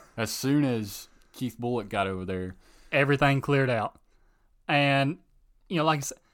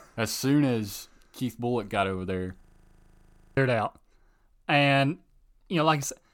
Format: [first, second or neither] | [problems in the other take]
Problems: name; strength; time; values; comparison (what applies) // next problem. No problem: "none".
first | audio freezing; at 2.5 s for 1 s